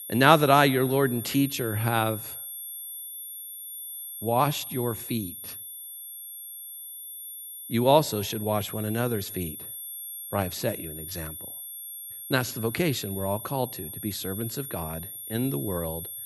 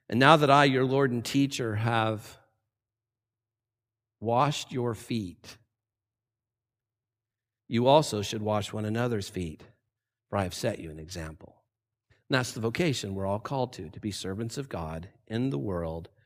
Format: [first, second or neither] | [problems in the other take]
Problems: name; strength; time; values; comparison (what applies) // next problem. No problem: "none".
second | high-pitched whine; loud; throughout; 11.5 kHz, 10 dB below the speech